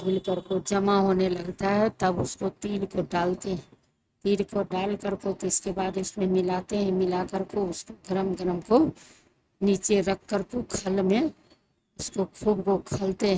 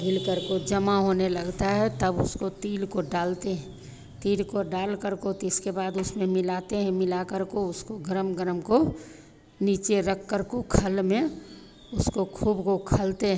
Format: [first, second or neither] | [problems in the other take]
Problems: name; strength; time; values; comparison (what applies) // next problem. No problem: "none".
second | noise reduction (neural mask model RNNoise)